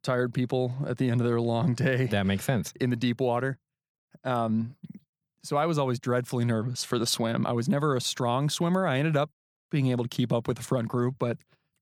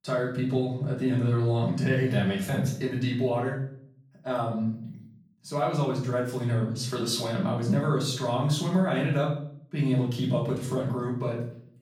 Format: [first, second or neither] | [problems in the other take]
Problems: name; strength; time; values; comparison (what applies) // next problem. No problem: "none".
first | off-mic speech; far // room echo; noticeable; dies away in 0.6 s